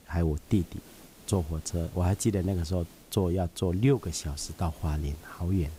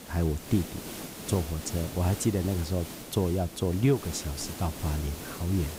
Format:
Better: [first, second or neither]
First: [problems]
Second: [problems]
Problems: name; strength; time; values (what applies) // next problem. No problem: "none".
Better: first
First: hiss; faint; throughout; 20 dB below the speech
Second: hiss; loud; throughout; 10 dB below the speech